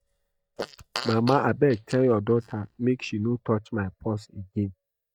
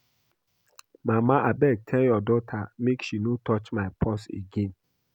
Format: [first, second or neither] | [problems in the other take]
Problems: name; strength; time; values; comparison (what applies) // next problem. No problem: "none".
second | noise reduction (neural mask model DeepFilterNet 3)